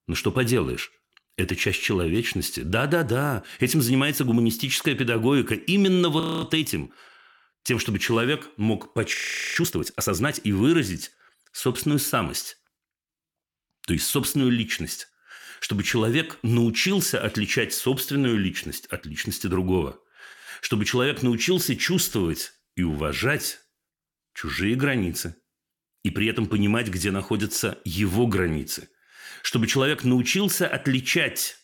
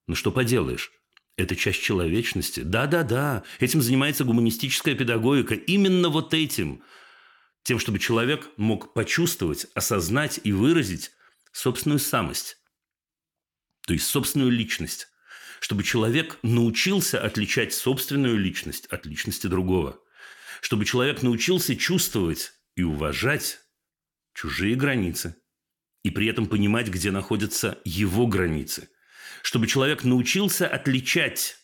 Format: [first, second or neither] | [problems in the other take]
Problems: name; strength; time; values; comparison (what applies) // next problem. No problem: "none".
second | audio freezing; at 6 s and at 9 s